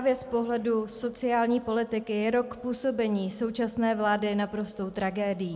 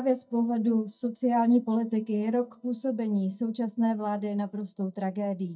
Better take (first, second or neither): first